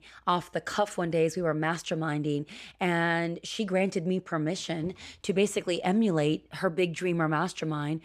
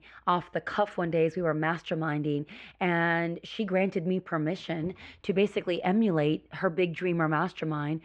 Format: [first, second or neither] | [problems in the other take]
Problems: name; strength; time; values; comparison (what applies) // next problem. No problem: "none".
first | muffled; slightly; fading above 2.5 kHz